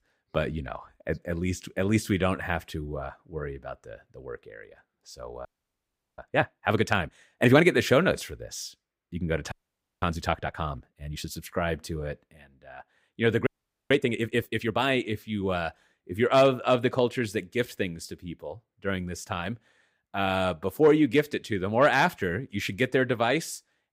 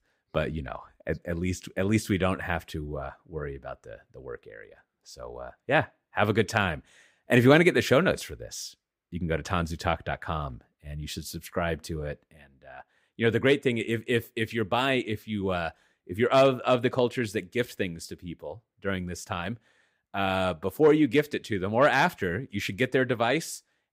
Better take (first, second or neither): second